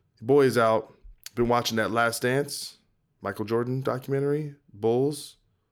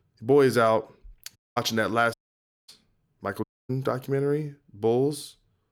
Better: first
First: none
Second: audio cutting out; at 1.5 s, at 2 s for 0.5 s and at 3.5 s

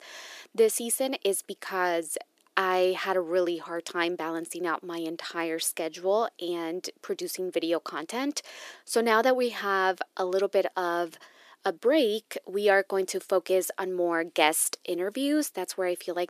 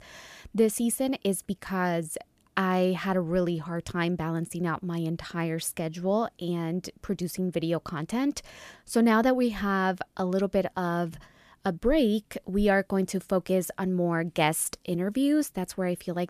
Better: second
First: thin; somewhat; fading below 350 Hz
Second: none

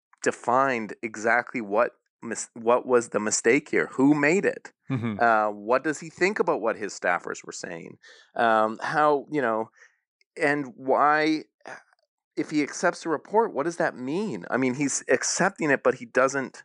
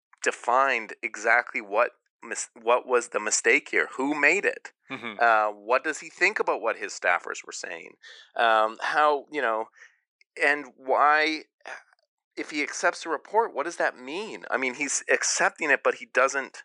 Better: first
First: none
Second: thin; somewhat; fading below 500 Hz

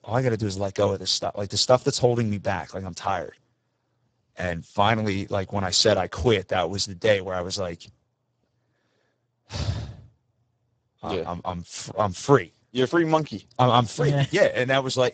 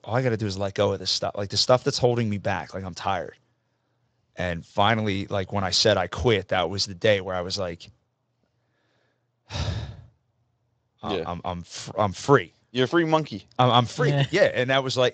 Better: second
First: garbled, watery; badly; nothing above 7.5 kHz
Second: garbled, watery; slightly; nothing above 7.5 kHz

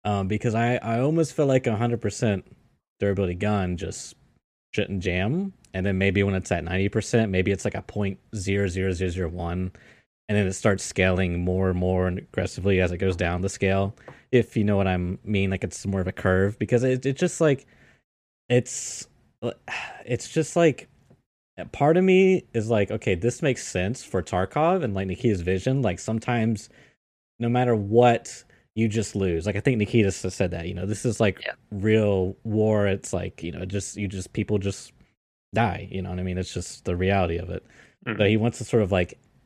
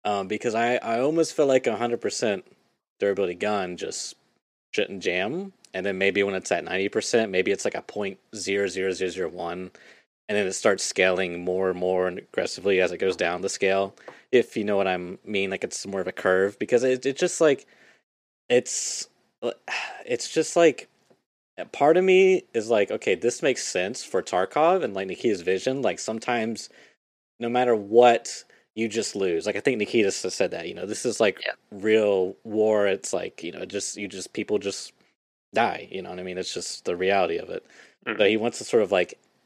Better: first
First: none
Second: thin; somewhat; fading below 350 Hz

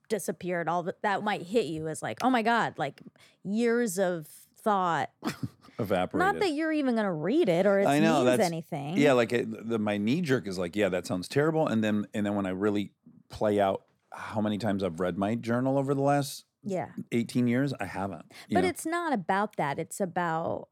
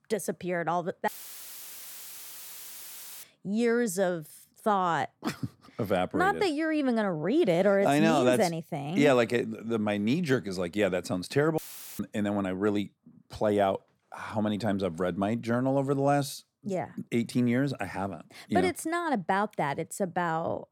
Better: first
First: none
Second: audio cutting out; filled with static; at 1 s for 2 s and at 12 s

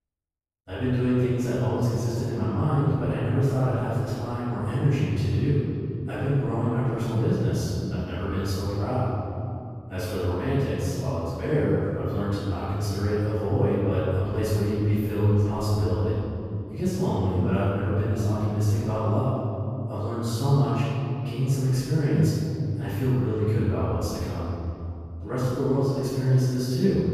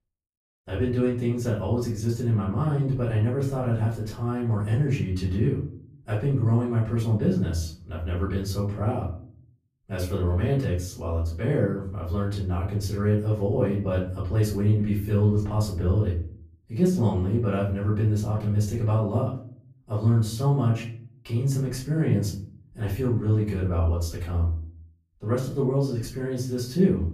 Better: second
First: room echo; strong; dies away in 2.6 s // off-mic speech; far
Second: room echo; slight; dies away in 0.5 s // off-mic speech; far

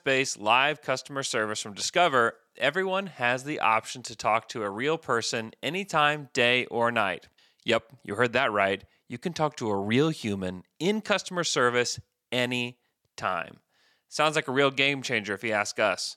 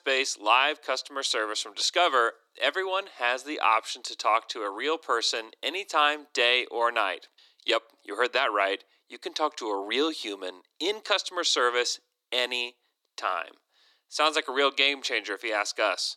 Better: first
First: none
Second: thin; somewhat; fading below 300 Hz

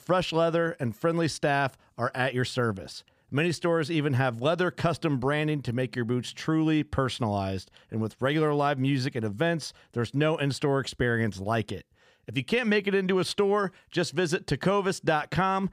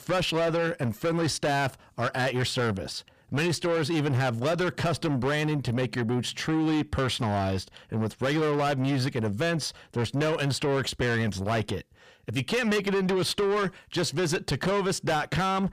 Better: first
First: none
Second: distortion; heavy; 7 dB below the speech

